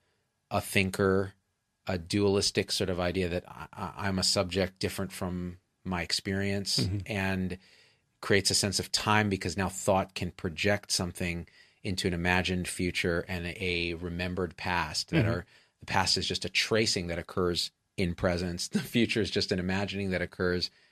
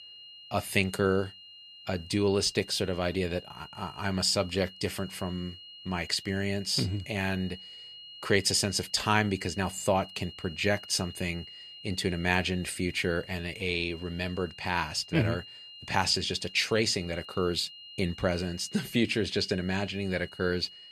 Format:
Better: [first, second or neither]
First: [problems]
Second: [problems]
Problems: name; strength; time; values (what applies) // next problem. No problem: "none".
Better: first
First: none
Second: high-pitched whine; noticeable; throughout; 3 kHz, 15 dB below the speech